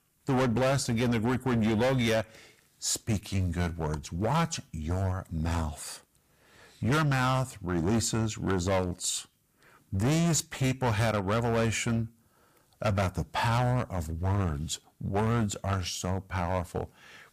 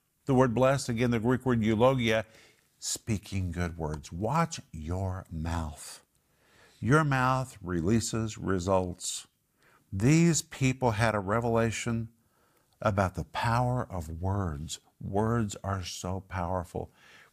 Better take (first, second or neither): second